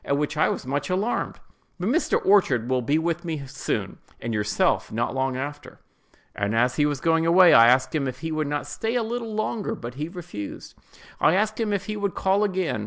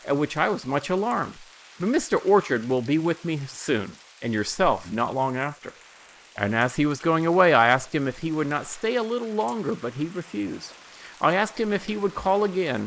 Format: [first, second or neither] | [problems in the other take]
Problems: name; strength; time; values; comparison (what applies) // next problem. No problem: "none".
first | noise reduction (neural mask model Resemble Enhance denoiser)